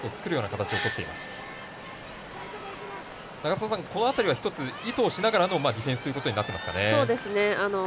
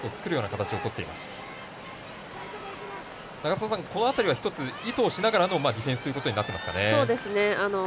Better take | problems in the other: second | background sound (Doorbell); 12 dB below the speech

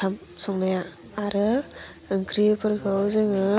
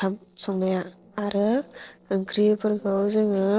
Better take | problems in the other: first | noise reduction (neural separator model SepFormer DNS4)

